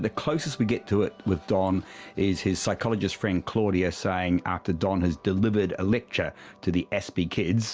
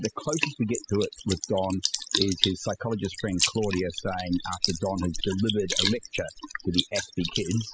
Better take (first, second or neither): first